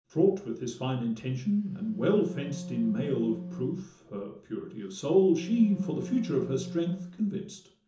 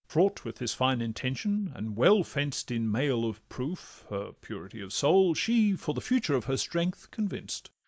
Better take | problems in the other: second | background sound (Wind instrument, woodwind instrument); 12 dB below the speech // room echo; dies away in 0.6 s

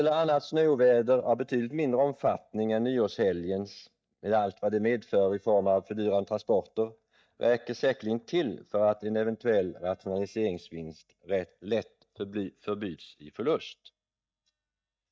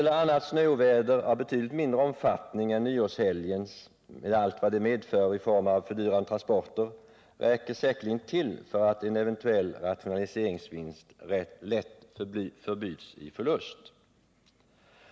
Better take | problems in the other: second | noise reduction (neural mask model DeepFilterNet 3)

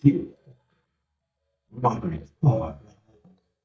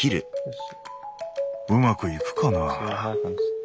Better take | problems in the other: second | noise reduction (neural mask model DeepFilterNet 3)

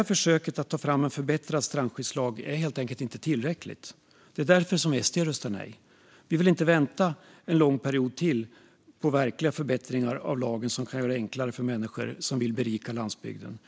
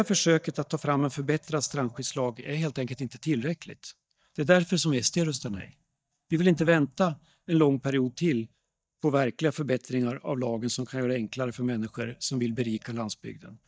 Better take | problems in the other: first | noise reduction (neural mask model DeepFilterNet 3)

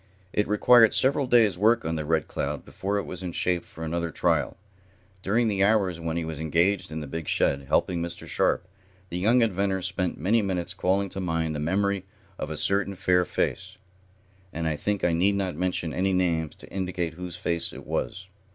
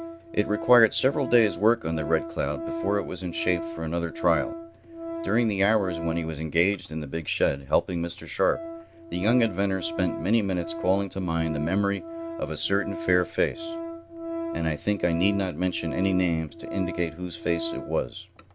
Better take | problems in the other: first | background sound (Organ); 10 dB below the speech

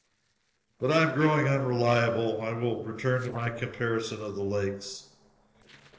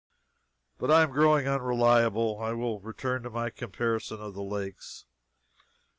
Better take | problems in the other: second | noise reduction (neural separator model SepFormer DNS4)

